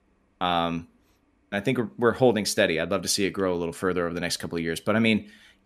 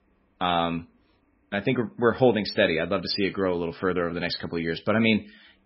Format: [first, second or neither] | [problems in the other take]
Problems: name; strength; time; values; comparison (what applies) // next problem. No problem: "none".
first | garbled, watery; badly; nothing above 5.5 kHz